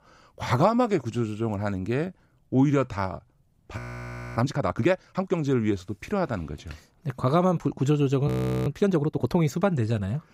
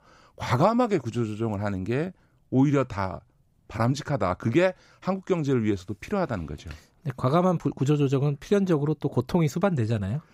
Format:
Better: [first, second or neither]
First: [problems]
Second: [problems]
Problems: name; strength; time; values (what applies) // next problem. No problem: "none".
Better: second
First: audio freezing; at 4 s for 0.5 s and at 8.5 s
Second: none